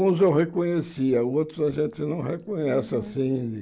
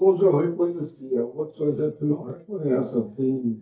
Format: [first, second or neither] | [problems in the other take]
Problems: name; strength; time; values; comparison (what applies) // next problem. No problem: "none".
first | noise reduction (neural mask model DeepFilterNet 3)